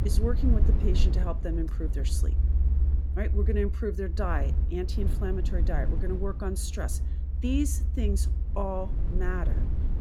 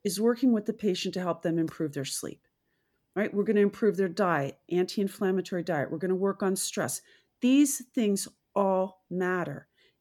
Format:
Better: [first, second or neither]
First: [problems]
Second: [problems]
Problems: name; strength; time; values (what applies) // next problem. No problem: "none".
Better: second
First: low rumble; loud; throughout; 9 dB below the speech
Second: none